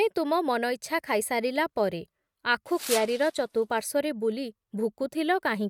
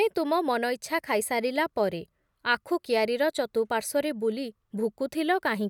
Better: second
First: noise reduction (neural mask model RNNoise)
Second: none

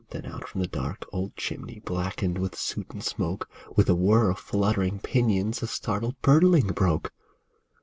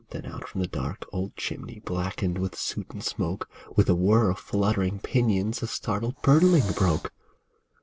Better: first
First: none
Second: background sound (Hiss); 16 dB below the speech

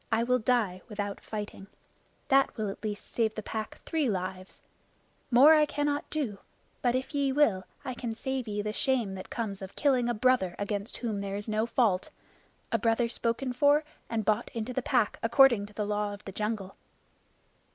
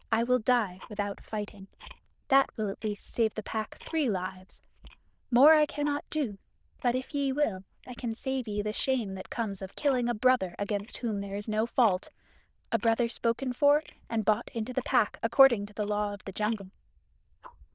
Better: first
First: none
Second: noise reduction (neural diffusion model UNIVERSE++)

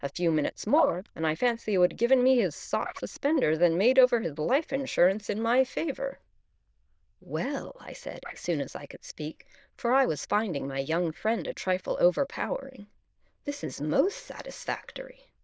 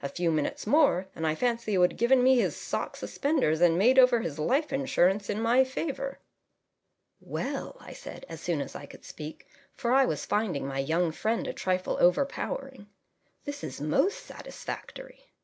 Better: second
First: noise reduction (neural diffusion model UNIVERSE++)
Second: none

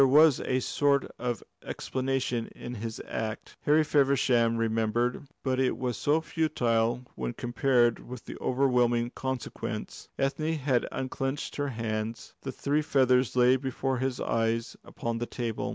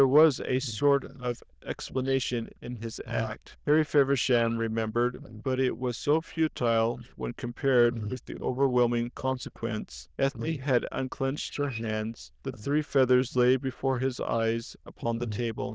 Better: first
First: none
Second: noise reduction (neural diffusion model UNIVERSE++)

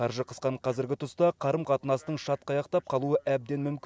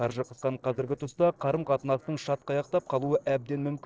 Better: first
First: none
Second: noise reduction (neural separator model SepFormer DNS4)

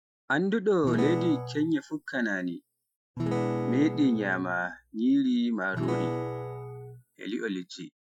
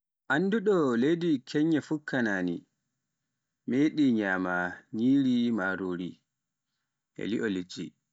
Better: second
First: noise reduction (classical method Wiener filter)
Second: none

